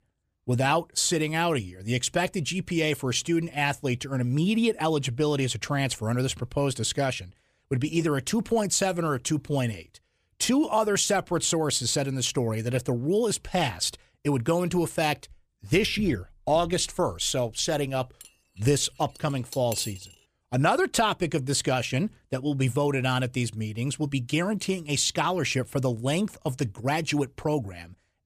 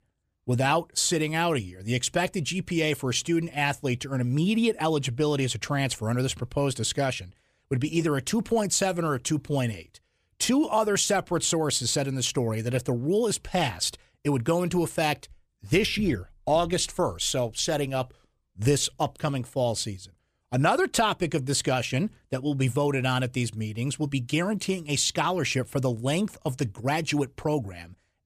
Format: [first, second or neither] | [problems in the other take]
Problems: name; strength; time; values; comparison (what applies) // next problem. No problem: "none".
second | clattering dishes; noticeable; from 18 to 20 s; peak 9 dB below the speech